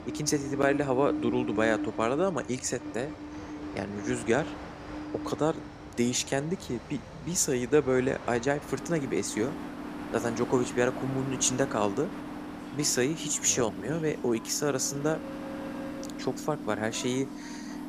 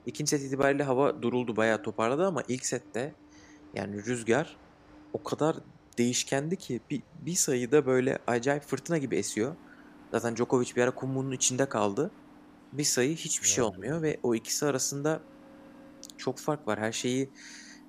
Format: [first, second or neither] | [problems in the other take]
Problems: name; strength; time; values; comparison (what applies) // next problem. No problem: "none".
second | train or aircraft noise; loud; throughout; 10 dB below the speech; faint in the second